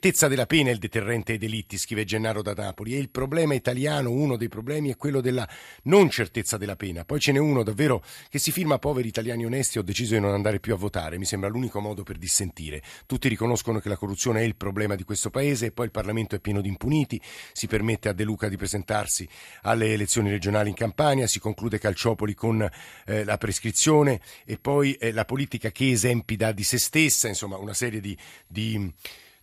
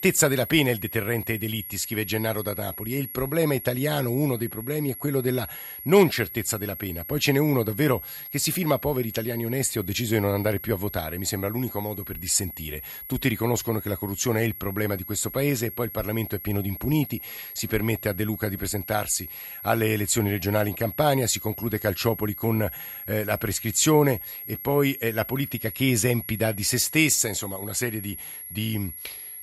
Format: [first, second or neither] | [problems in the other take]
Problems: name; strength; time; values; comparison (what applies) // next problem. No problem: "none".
first | high-pitched whine; loud; throughout; 11.5 kHz, 10 dB below the speech; faint in the first